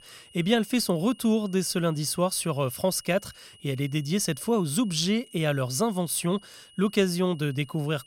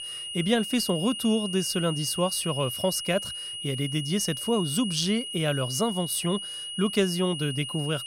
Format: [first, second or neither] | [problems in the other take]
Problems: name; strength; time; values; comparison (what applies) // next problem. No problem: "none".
first | high-pitched whine; loud; throughout; 3 kHz, 6 dB below the speech; faint in the first